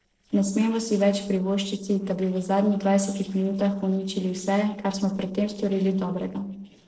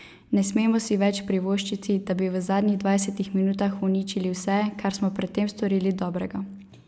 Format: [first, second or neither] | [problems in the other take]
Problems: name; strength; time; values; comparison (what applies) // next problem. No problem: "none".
second | noise reduction (neural separator model SepFormer DNS4)